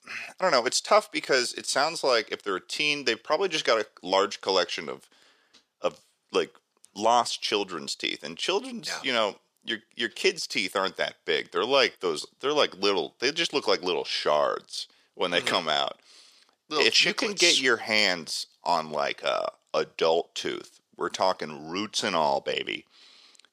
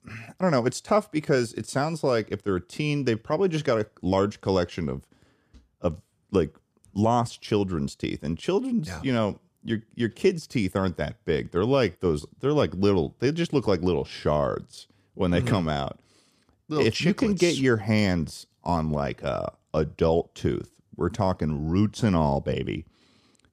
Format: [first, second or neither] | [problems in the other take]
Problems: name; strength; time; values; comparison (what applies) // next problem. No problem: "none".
second | thin; very; fading below 550 Hz